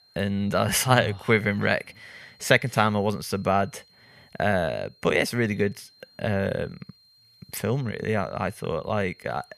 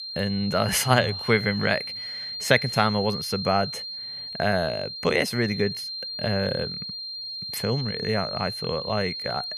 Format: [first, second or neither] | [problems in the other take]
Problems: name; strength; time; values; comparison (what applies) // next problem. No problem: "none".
first | high-pitched whine; loud; throughout; 4 kHz, 6 dB below the speech; faint in the first